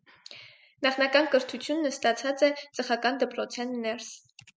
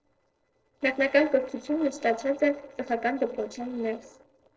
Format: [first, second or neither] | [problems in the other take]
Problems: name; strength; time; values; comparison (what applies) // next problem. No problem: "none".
first | noise reduction (neural separator model SepFormer DNS4)